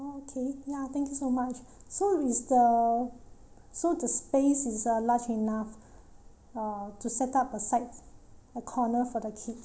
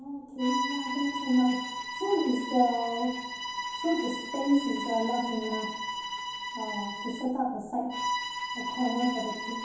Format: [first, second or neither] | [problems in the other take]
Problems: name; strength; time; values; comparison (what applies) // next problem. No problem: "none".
first | background sound (Bowed string instrument); 5 dB below the speech // room echo; dies away in 2.2 s